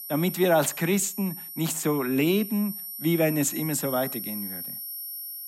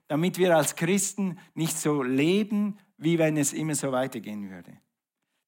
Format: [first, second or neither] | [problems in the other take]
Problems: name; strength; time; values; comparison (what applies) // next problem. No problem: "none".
second | high-pitched whine; loud; throughout; 12 kHz, 8 dB below the speech